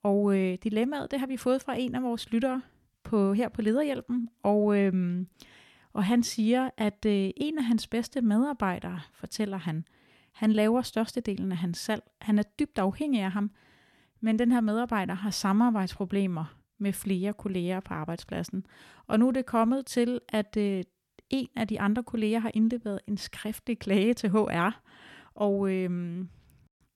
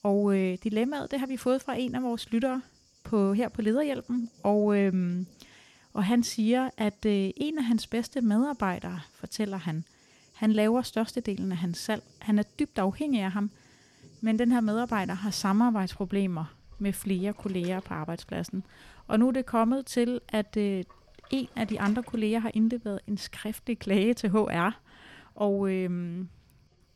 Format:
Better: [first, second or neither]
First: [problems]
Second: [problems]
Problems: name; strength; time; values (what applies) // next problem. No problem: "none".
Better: first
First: none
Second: rain or running water; faint; throughout; 30 dB below the speech